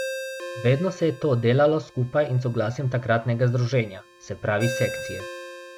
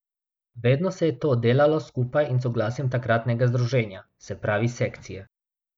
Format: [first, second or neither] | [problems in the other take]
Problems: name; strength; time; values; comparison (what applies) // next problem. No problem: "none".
second | background sound (Ringtone); 12 dB below the speech